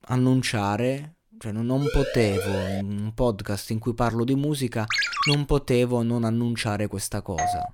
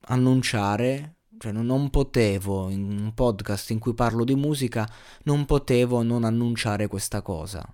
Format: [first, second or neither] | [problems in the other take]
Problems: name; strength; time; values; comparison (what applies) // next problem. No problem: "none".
second | siren; noticeable; from 2 to 3 s; peak 4 dB below the speech // phone ringing; loud; at 5 s; peak 3 dB above the speech // doorbell; very faint; at 7.5 s; peak 1 dB below the speech